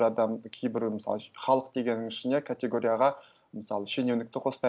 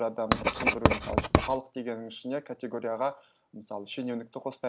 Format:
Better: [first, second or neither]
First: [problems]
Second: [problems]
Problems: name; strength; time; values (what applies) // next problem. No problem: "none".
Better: first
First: none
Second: background sound (Writing); 5 dB above the speech